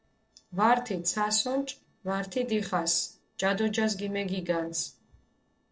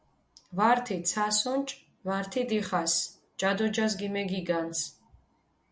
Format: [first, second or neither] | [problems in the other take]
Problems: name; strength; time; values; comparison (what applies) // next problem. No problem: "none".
second | noise reduction (neural separator model SepFormer DNS4)